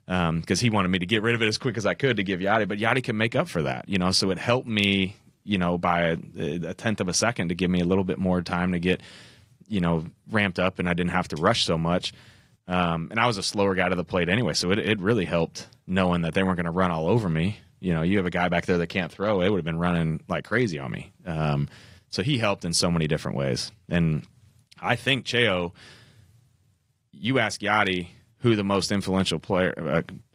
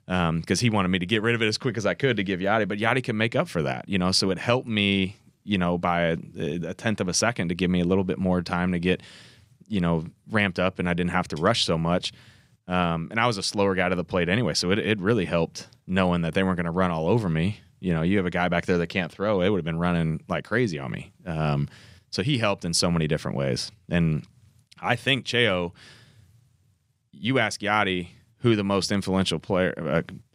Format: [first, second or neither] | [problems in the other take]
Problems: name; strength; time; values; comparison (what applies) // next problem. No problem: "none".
second | garbled, watery; slightly; nothing above 15.5 kHz